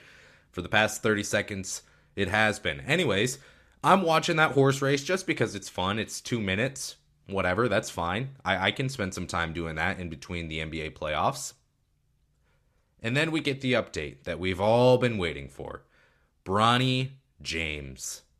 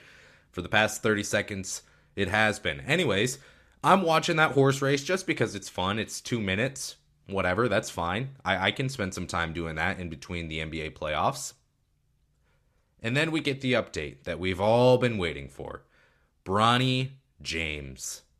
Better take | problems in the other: neither | none

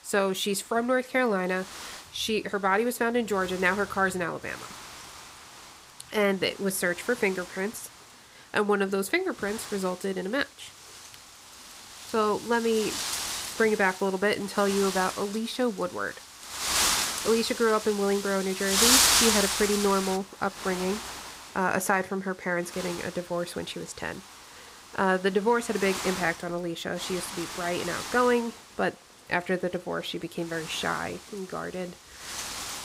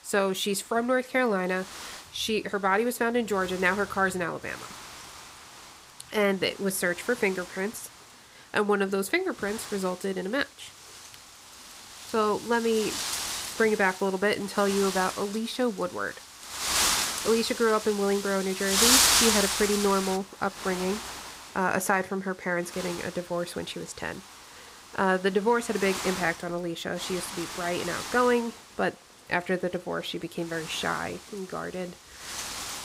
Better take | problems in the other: neither | wind noise on the microphone; heavy; 2 dB below the speech; the same in both

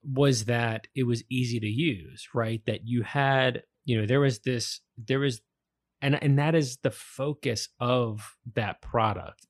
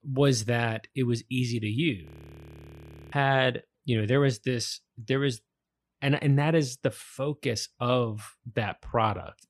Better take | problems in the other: first | audio freezing; at 2 s for 1 s

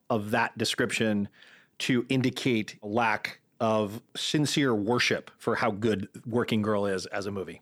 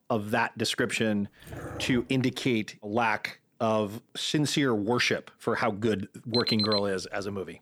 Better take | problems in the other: first | dog barking; faint; at 1.5 s; peak 10 dB below the speech // alarm; loud; at 6.5 s; peak 1 dB above the speech

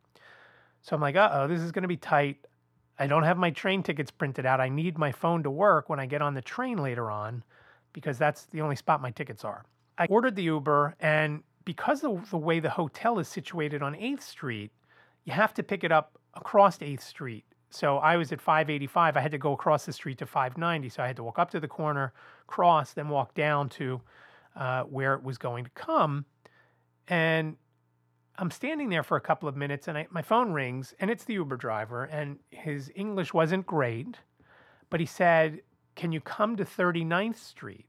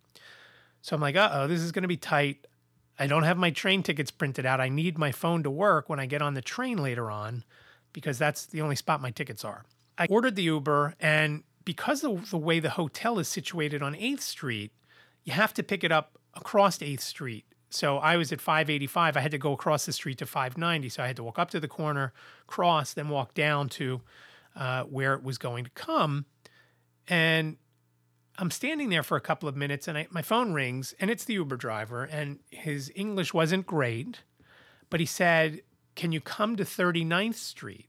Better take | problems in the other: second | muffled; slightly; fading above 3 kHz

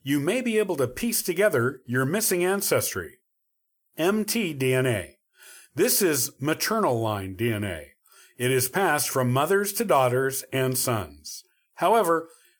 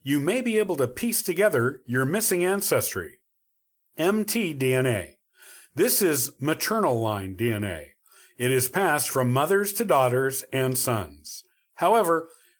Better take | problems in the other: first | garbled, watery; slightly; nothing above 19 kHz

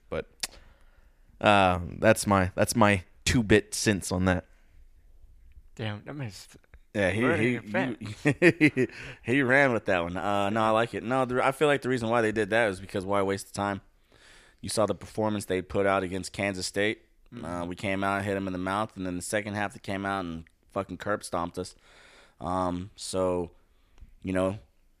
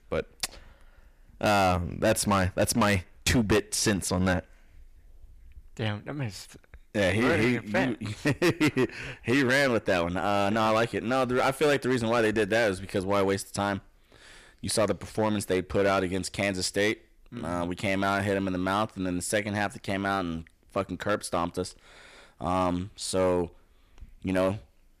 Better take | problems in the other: first | distortion; heavy; 8% of the sound clipped

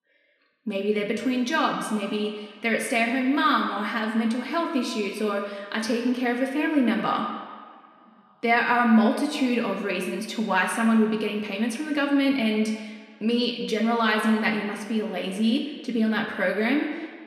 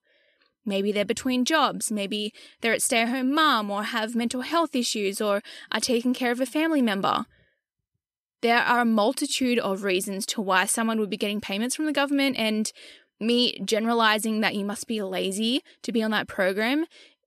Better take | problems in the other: second | room echo; noticeable; dies away in 1.7 s // off-mic speech; somewhat distant

